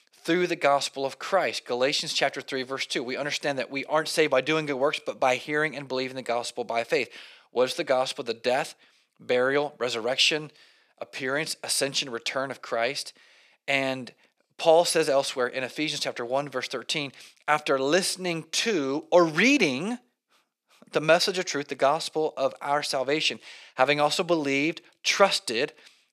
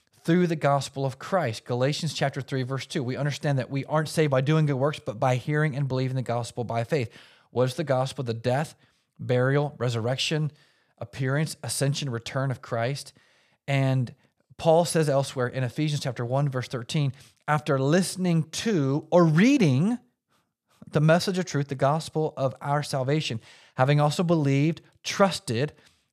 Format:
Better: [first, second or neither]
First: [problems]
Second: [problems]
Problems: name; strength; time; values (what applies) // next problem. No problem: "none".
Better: second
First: thin; somewhat; fading below 300 Hz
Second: none